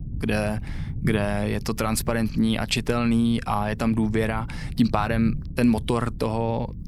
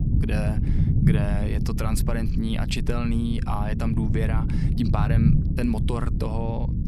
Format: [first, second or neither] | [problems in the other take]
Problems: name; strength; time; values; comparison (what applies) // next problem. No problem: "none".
first | low rumble; loud; throughout; 4 dB below the speech; faint in the first